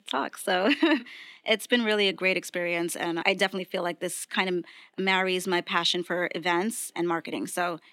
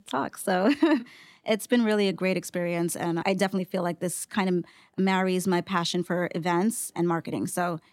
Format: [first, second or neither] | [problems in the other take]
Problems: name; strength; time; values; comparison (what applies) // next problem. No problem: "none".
second | thin; very slightly; fading below 300 Hz